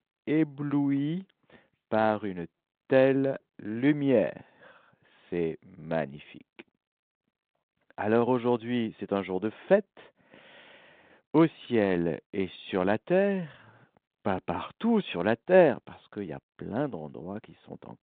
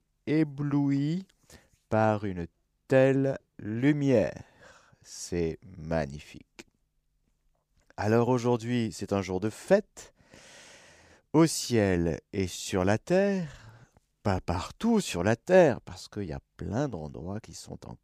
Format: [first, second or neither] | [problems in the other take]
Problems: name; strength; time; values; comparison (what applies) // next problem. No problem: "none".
second | phone-call audio; nothing above 3.5 kHz